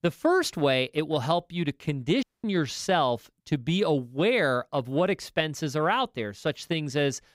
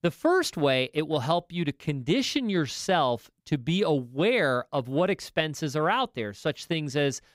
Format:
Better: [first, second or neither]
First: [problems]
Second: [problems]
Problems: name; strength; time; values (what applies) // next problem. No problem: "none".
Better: second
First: audio cutting out; at 2 s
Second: none